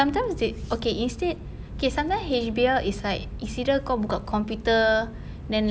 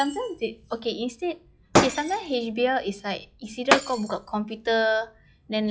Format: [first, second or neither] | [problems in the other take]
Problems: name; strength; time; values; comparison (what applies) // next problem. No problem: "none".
first | noise reduction (classical method log-MMSE)